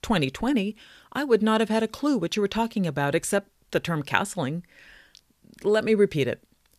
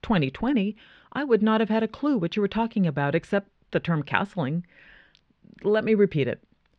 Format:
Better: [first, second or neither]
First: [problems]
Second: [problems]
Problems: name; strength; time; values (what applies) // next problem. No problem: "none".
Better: first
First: none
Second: muffled; slightly; fading above 3.5 kHz